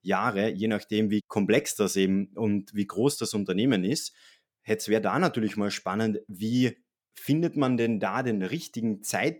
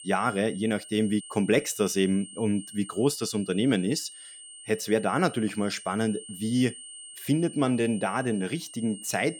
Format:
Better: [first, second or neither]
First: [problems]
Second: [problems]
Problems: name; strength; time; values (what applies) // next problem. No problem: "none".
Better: first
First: none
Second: high-pitched whine; noticeable; throughout; 8.5 kHz, 15 dB below the speech